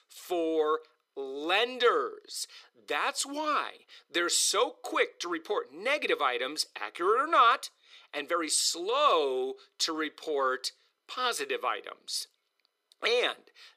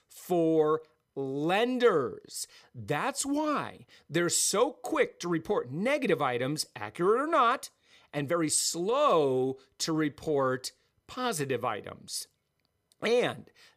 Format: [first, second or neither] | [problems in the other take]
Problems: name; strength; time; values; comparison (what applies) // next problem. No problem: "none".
second | thin; somewhat; fading below 350 Hz